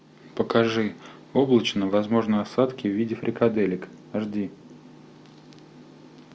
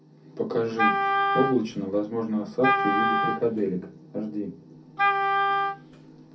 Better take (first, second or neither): first